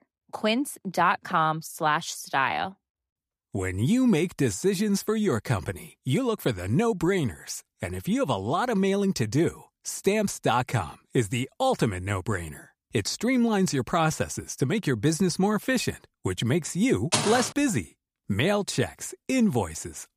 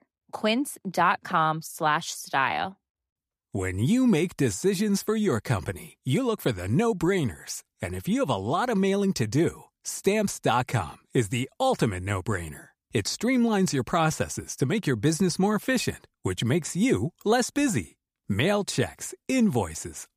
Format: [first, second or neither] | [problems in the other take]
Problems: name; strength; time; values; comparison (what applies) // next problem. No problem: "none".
second | footsteps; loud; at 17 s; peak 1 dB above the speech